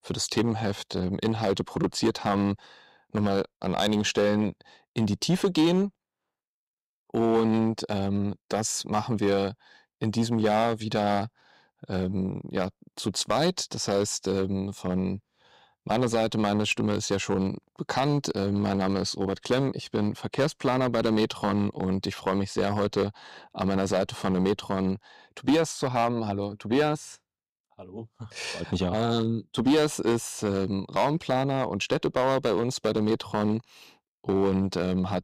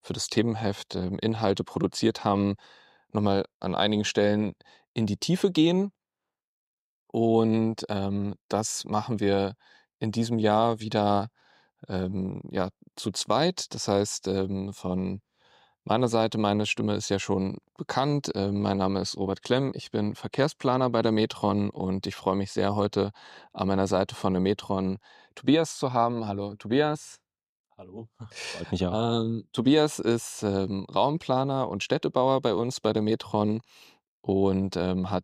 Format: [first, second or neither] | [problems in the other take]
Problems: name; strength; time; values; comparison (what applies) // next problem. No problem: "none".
second | distortion; slight; 4% of the sound clipped